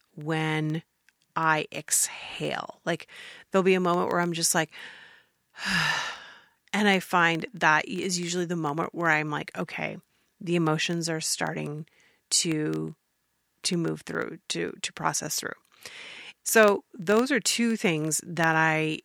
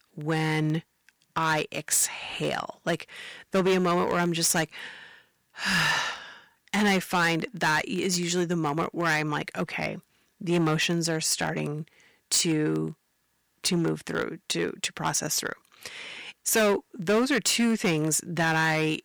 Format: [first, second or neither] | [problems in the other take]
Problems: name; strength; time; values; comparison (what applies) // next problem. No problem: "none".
first | distortion; heavy; 6% of the sound clipped